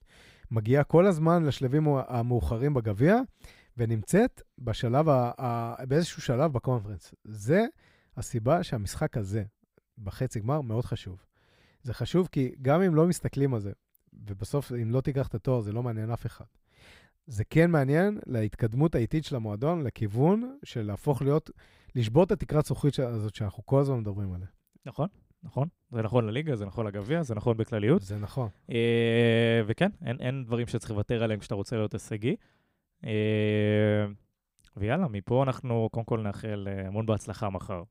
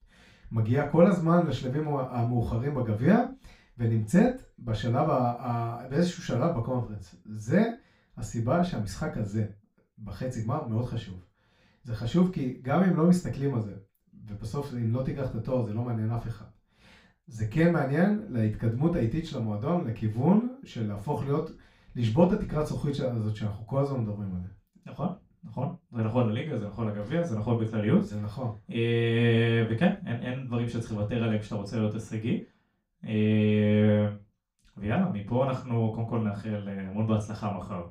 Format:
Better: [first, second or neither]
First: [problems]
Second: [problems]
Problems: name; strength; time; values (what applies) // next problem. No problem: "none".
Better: first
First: none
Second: room echo; slight; dies away in 0.3 s // off-mic speech; far